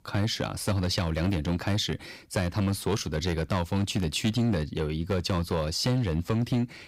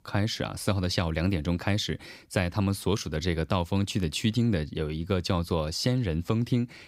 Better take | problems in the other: second | distortion; slight; 6% of the sound clipped

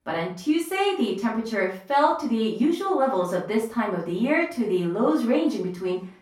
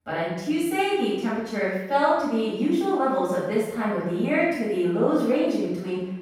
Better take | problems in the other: first | room echo; strong; dies away in 0.9 s; slight in the first // off-mic speech; far; far in the first

